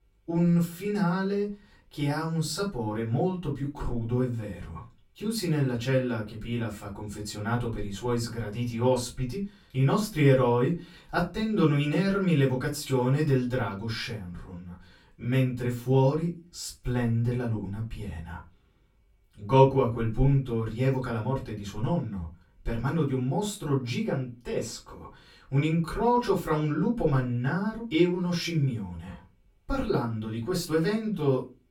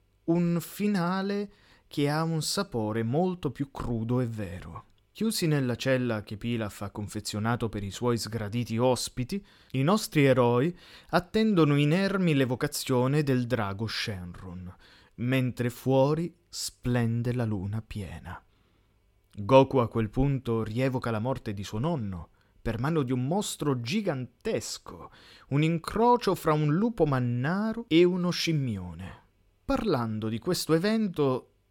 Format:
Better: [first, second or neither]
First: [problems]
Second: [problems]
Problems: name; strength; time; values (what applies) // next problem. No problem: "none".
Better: second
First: off-mic speech; far // room echo; very slight; dies away in 0.2 s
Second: none